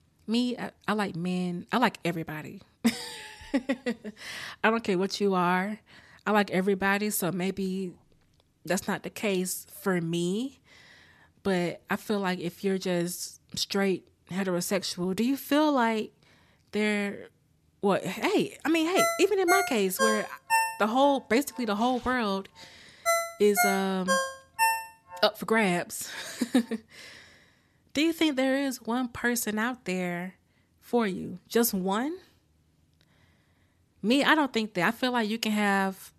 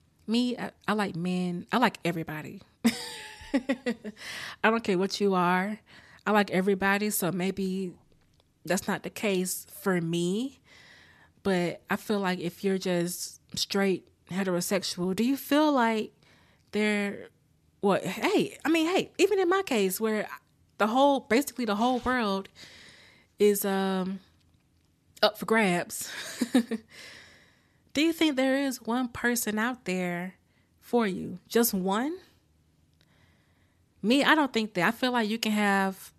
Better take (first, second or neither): second